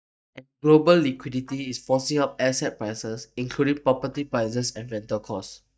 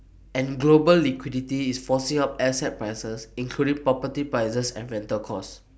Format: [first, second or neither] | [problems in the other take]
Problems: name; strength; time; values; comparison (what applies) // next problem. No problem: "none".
second | noise reduction (neural mask model DeepFilterNet 3)